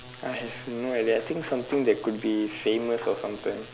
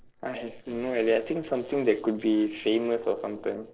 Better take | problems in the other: first | noise reduction (neural separator model SepFormer DNS4)

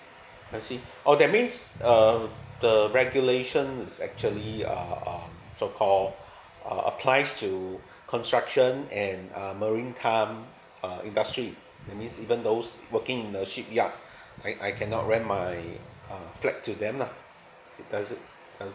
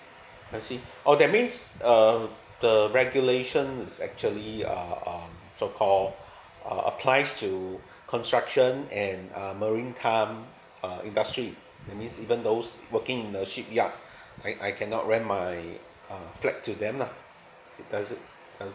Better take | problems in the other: second | background sound (Animal); 16 dB below the speech

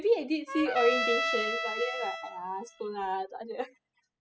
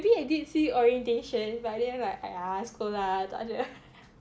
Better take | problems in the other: second | noise reduction (classical method spectral subtraction)

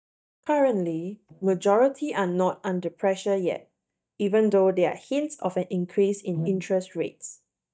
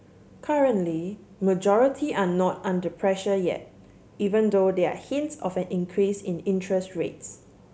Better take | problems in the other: second | noise reduction (neural mask model DeepFilterNet 3)

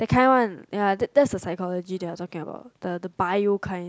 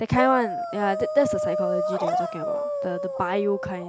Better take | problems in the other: first | background sound (Dog); 2 dB below the speech

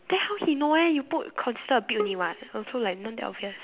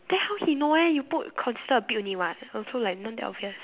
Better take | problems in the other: second | background sound (Bowed string instrument); 11 dB below the speech

